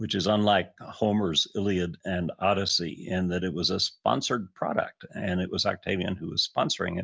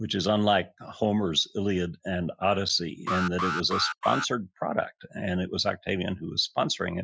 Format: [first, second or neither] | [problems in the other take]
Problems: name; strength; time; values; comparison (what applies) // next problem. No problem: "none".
first | noise reduction (classical method Wiener filter)